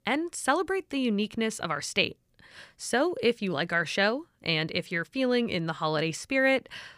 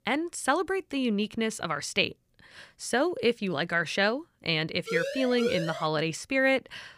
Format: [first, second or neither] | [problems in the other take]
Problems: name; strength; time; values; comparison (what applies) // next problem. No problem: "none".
first | siren; noticeable; at 5 s; peak 4 dB below the speech